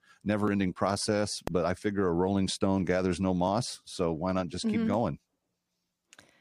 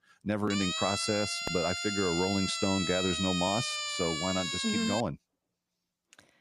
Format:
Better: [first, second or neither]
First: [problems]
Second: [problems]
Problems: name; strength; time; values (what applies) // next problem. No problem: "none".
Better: first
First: none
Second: siren; loud; until 5 s; peak level with the speech